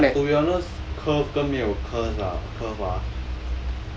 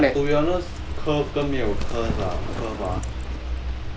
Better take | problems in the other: first | background sound (Livestock, farm animals, working animals); 4 dB below the speech

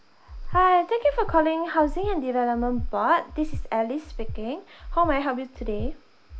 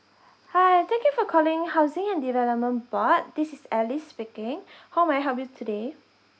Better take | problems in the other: second | background sound (Breathing); 8 dB below the speech

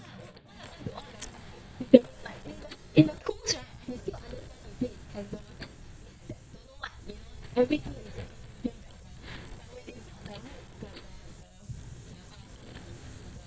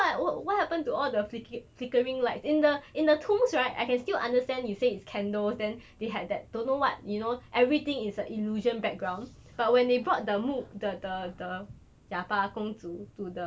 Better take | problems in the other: second | noise reduction (neural mask model DeepFilterNet 3)

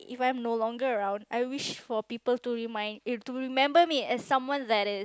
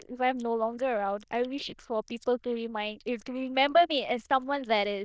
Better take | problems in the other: first | noise reduction (neural diffusion model UNIVERSE++)

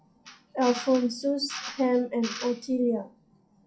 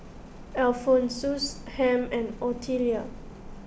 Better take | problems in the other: second | noise reduction (classical method WPE with log-MMSE)

